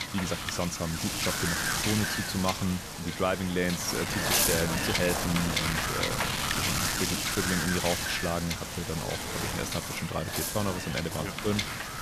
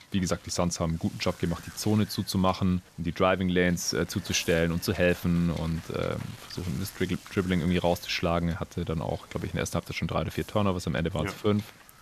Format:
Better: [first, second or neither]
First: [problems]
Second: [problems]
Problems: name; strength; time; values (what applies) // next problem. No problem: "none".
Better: second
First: wind noise on the microphone; heavy; 4 dB above the speech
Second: wind noise on the microphone; occasional gusts; 20 dB below the speech